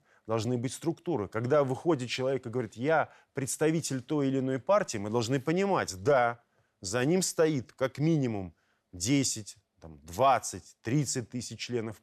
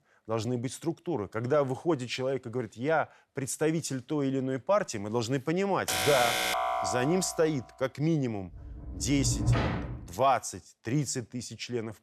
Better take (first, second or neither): first